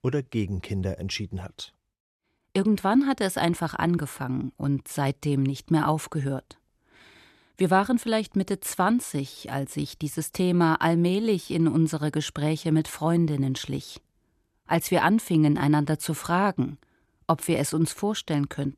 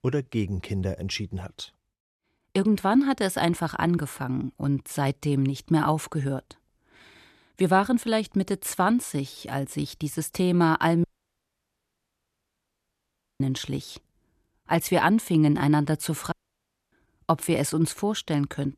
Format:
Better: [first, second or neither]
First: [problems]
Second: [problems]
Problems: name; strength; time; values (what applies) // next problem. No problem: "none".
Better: first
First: none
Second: audio cutting out; at 11 s for 2.5 s and at 16 s for 0.5 s